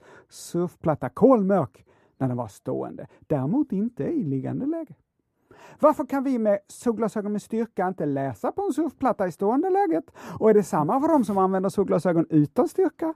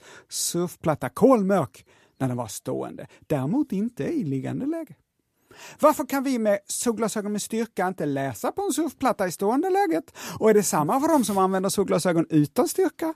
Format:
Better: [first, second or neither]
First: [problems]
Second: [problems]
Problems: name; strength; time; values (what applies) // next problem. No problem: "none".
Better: second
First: muffled; slightly; fading above 2 kHz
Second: none